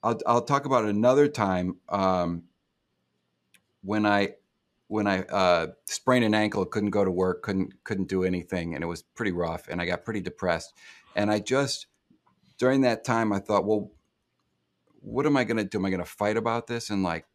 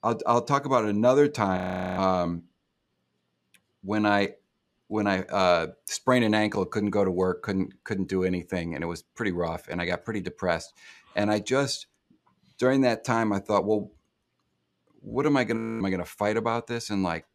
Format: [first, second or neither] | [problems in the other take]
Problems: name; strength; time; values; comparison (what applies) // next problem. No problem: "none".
first | audio freezing; at 1.5 s and at 16 s